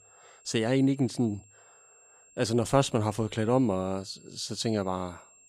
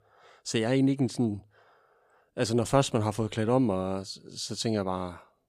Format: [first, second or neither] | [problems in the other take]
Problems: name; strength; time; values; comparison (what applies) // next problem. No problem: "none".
second | high-pitched whine; faint; throughout; 7.5 kHz, 25 dB below the speech